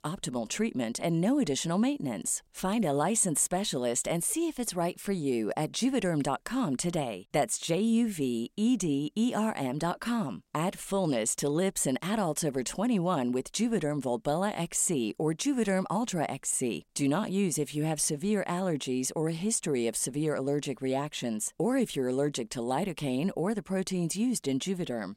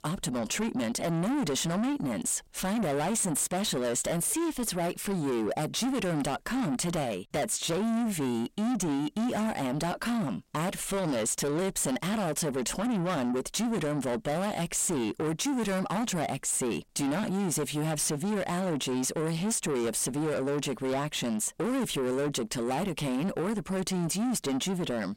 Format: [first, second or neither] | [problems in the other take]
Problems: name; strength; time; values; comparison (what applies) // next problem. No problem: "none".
first | distortion; heavy; 7 dB below the speech